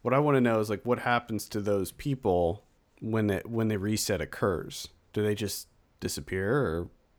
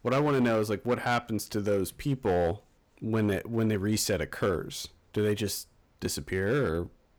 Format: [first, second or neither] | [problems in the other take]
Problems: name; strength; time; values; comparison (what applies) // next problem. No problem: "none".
first | distortion; slight; 5% of the sound clipped